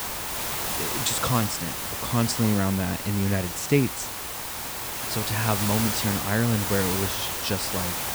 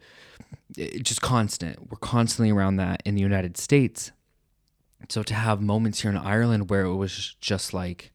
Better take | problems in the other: second | hiss; loud; throughout; 1 dB below the speech

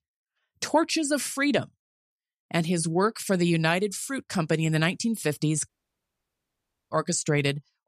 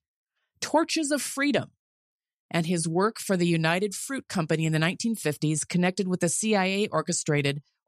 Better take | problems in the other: second | audio cutting out; at 5.5 s for 1 s

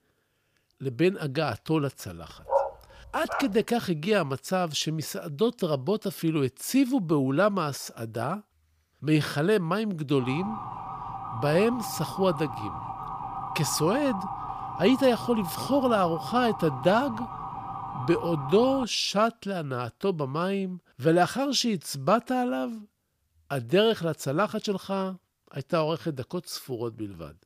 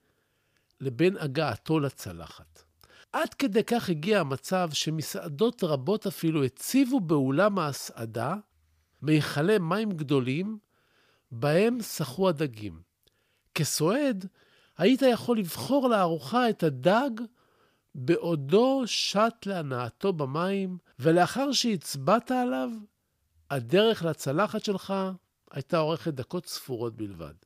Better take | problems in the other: second | dog barking; noticeable; at 2.5 s; peak 1 dB below the speech // siren; noticeable; from 10 to 19 s; peak 7 dB below the speech

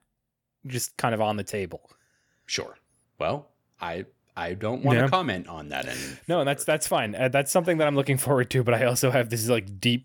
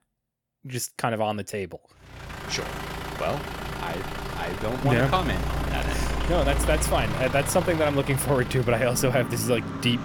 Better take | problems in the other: first | traffic noise; loud; from 2.5 s on; 5 dB below the speech

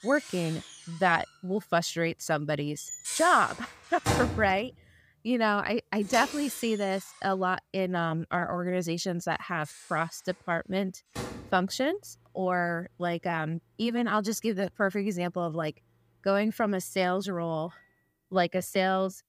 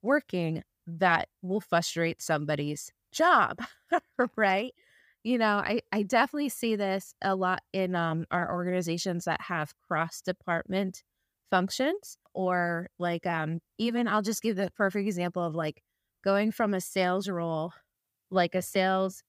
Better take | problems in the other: second | household noises; loud; throughout; 8 dB below the speech

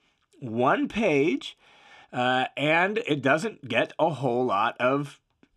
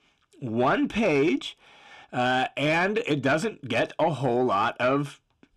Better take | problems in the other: first | distortion; slight; 10 dB below the speech

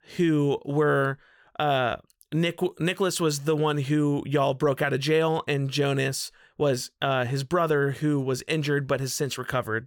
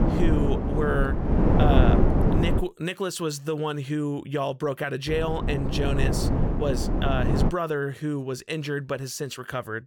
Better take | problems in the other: first | wind noise on the microphone; heavy; until 2.5 s and from 5 to 7.5 s; as loud as the speech

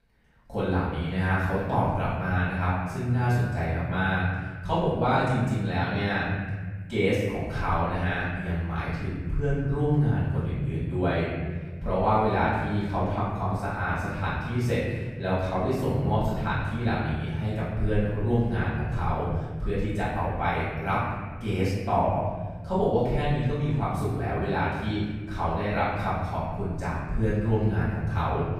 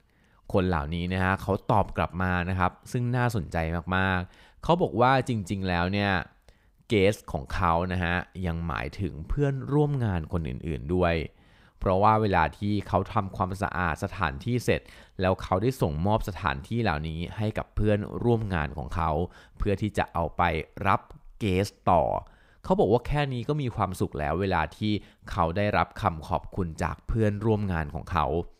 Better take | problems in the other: second | off-mic speech; far // room echo; strong; dies away in 2.2 s

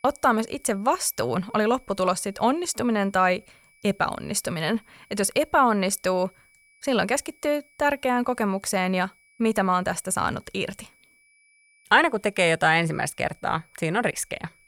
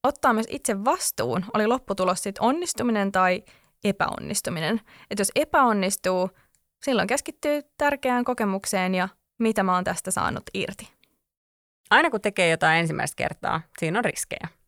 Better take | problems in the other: second | high-pitched whine; faint; throughout; 2.5 kHz, 35 dB below the speech

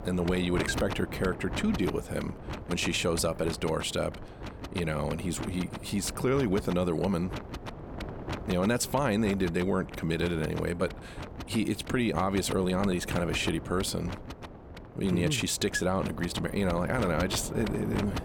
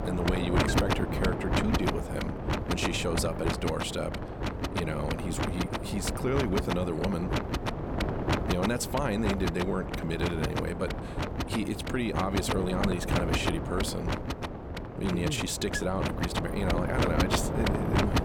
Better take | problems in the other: first | wind noise on the microphone; heavy; as loud as the speech; occasional gusts in the first

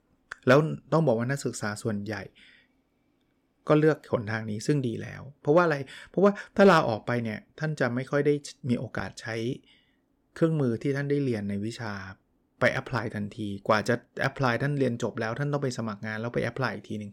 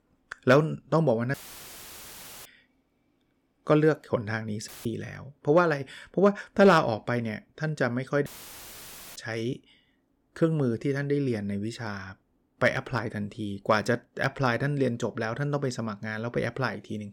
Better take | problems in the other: first | audio cutting out; filled with static; at 1.5 s for 1 s, at 4.5 s and at 8.5 s for 1 s

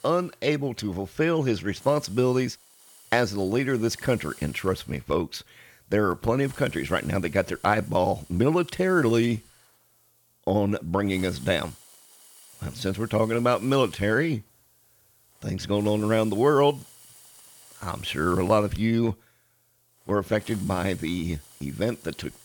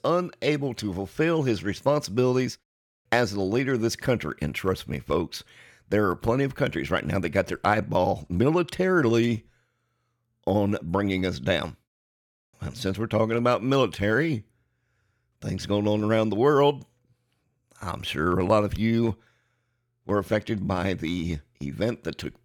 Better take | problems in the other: second | hiss; faint; throughout; 20 dB below the speech

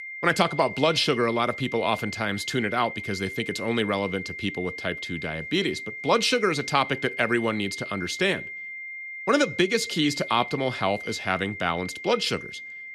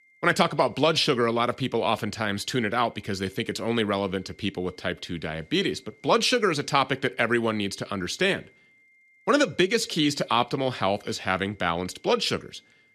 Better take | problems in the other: second | high-pitched whine; loud; throughout; 2 kHz, 9 dB below the speech; faint in the second

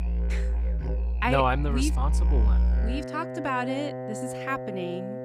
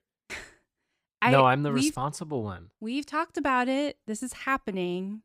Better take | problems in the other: second | background music; very loud; throughout; 1 dB above the speech

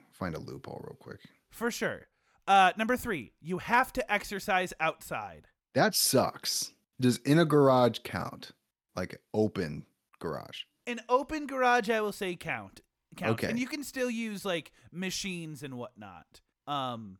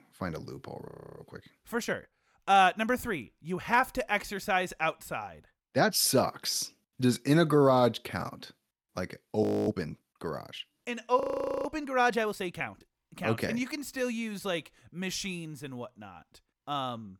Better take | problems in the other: first | audio freezing; at 1 s, at 9.5 s and at 11 s

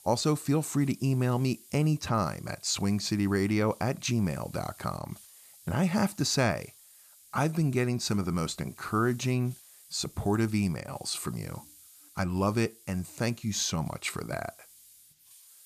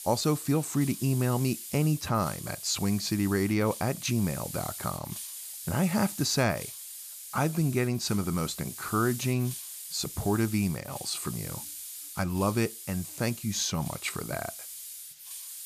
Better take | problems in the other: first | hiss; loud; throughout; 10 dB below the speech; faint in the first

